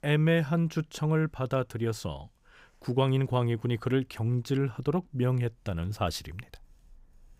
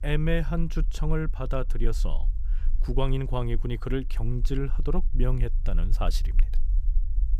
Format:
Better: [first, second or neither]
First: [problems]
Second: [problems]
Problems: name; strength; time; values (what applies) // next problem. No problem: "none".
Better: first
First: none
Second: low rumble; faint; throughout; 20 dB below the speech